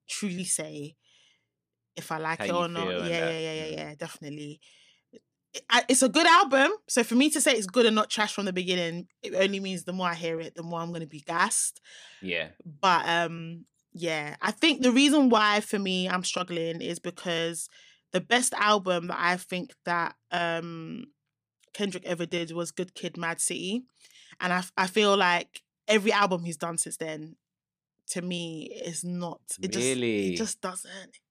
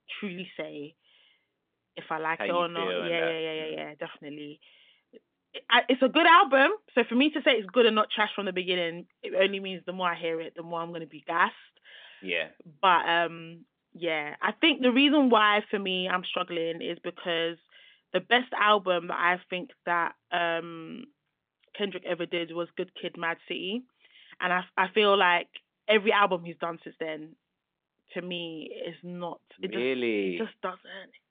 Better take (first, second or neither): first